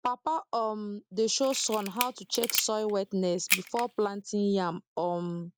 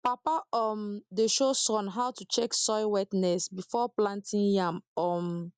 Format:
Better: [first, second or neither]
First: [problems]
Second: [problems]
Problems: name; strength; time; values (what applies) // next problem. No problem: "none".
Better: second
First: background sound (Camera); 6 dB below the speech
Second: none